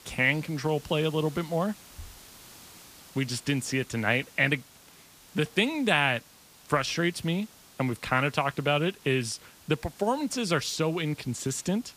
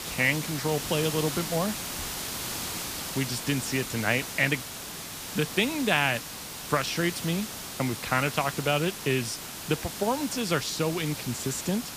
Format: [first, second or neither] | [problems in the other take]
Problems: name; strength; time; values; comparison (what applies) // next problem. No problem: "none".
first | hiss; loud; throughout; 6 dB below the speech; faint in the first